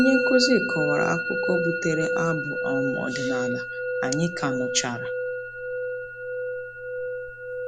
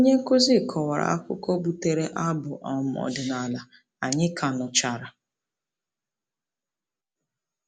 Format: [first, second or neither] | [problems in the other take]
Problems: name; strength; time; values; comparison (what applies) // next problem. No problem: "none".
second | background sound (Musical instrument); as loud as the speech